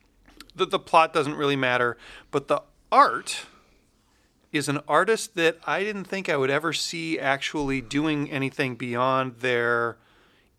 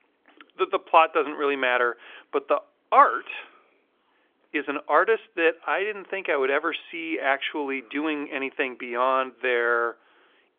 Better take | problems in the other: first | phone-call audio; nothing above 3.5 kHz

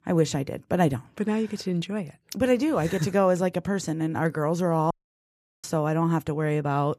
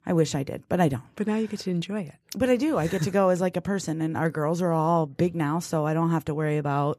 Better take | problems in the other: second | audio cutting out; at 5 s for 0.5 s

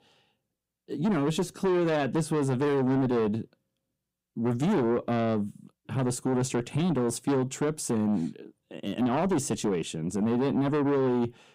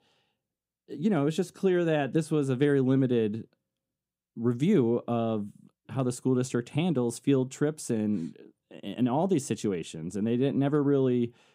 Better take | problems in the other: second | distortion; heavy; 7 dB below the speech

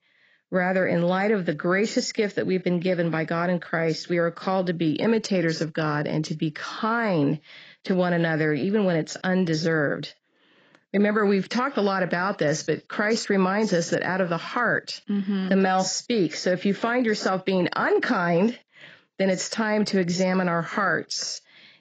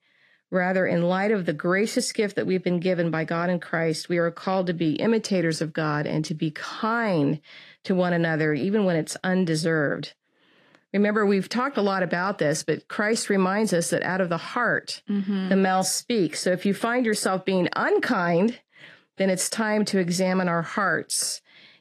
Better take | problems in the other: second | garbled, watery; badly; nothing above 7.5 kHz; slightly in the second

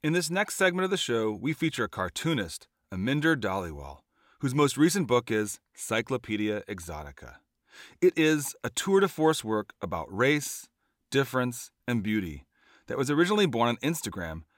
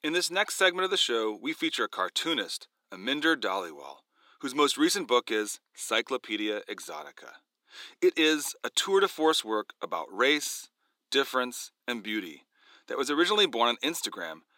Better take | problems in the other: first | thin; somewhat; fading below 300 Hz

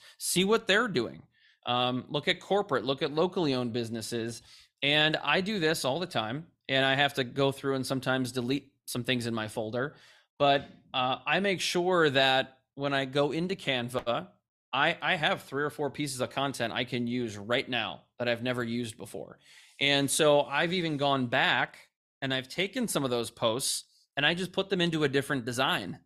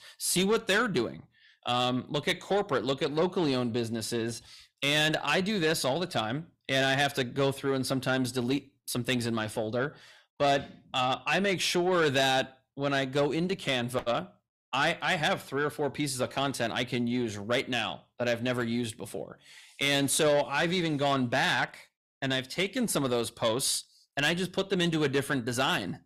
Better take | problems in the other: first | distortion; slight; 10 dB below the speech

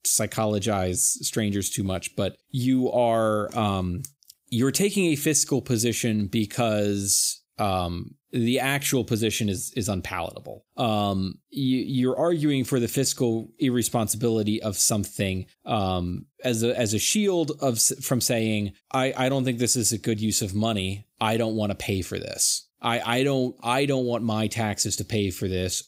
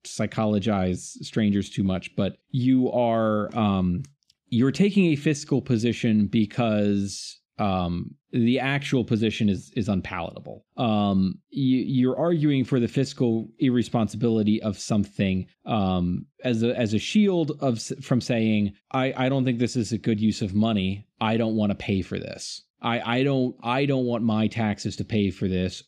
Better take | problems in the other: first | muffled; slightly; fading above 3 kHz

